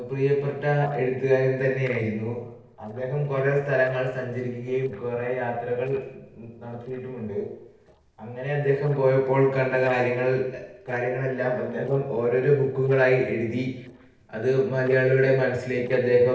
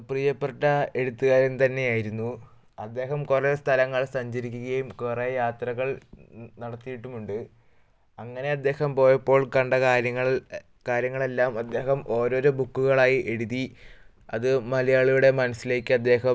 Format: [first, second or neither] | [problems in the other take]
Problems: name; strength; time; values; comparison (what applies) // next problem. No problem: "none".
second | noise reduction (neural separator model SepFormer DNS4)